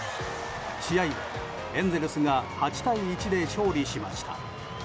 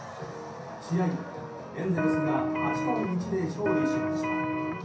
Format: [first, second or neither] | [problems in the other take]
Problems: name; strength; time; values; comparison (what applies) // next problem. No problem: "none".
first | background sound (Electric guitar); 3 dB above the speech // room echo; dies away in 0.6 s